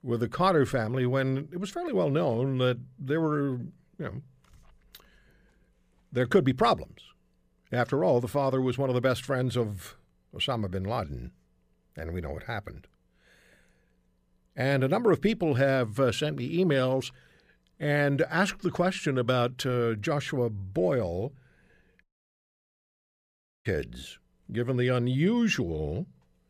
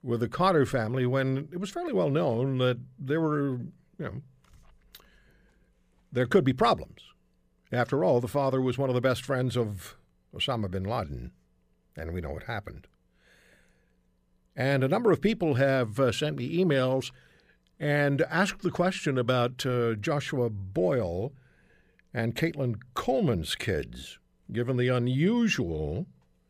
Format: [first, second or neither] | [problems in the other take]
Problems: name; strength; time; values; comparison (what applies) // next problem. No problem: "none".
second | audio cutting out; at 22 s for 1.5 s